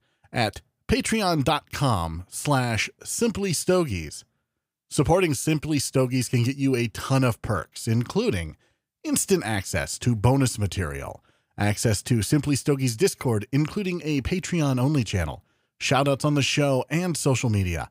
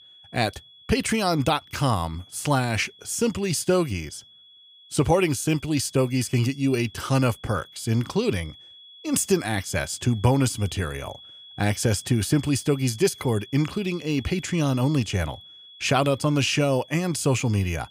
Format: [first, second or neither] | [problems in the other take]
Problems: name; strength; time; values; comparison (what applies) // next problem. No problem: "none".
first | high-pitched whine; faint; throughout; 3.5 kHz, 20 dB below the speech